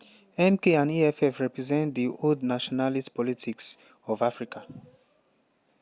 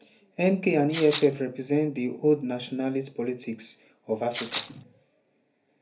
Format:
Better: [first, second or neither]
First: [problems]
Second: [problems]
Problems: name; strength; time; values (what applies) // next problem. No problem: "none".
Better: first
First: none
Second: background sound (Rattle (instrument)); 8 dB below the speech // room echo; dies away in 0.3 s